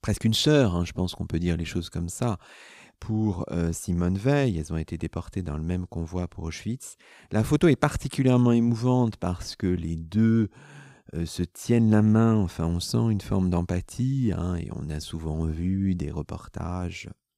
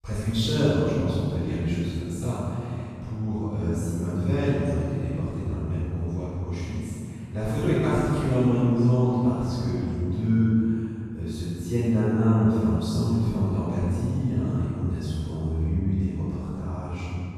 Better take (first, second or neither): first